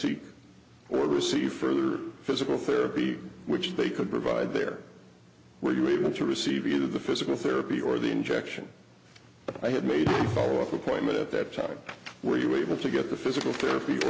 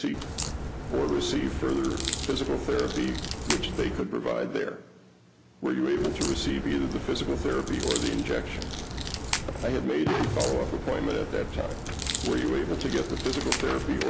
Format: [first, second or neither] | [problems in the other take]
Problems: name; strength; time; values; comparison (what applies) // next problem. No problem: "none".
first | background sound (Crack); 4 dB below the speech